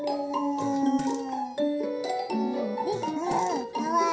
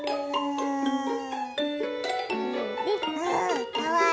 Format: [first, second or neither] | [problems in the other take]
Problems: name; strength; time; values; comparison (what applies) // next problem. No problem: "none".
second | background sound (Fart); 19 dB below the speech // room echo; dies away in 0.3 s